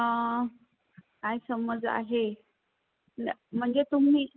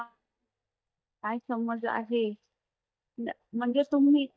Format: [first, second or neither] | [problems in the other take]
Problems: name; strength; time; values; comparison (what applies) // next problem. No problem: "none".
first | noise reduction (neural mask model DeepFilterNet 3)